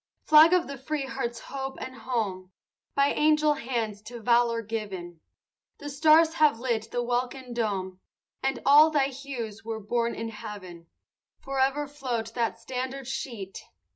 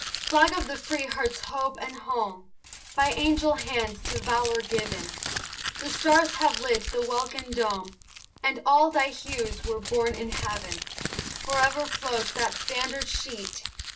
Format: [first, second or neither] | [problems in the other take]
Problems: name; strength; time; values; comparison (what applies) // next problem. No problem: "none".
first | background sound (Crumpling, crinkling); 7 dB below the speech // room echo; dies away in 0.1 s